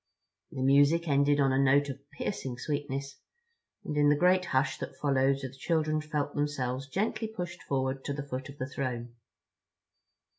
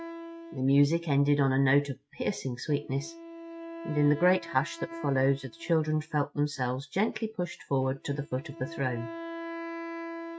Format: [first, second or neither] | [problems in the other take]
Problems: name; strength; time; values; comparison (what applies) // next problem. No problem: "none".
first | noise reduction (neural mask model RNNoise)